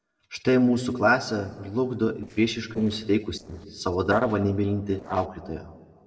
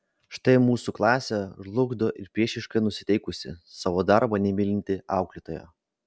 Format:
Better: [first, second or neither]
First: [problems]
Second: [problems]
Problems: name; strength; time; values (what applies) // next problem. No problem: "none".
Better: second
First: noise reduction (neural separator model SepFormer DNS4)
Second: none